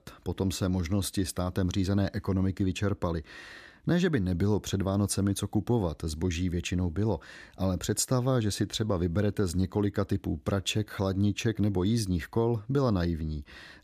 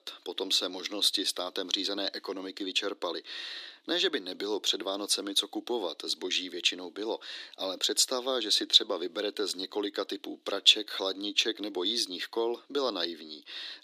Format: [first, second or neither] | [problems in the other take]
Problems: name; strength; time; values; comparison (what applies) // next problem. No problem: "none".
first | thin; very; fading below 300 Hz